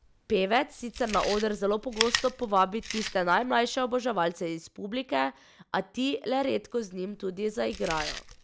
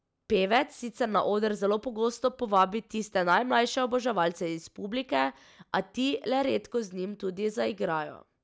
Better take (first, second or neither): second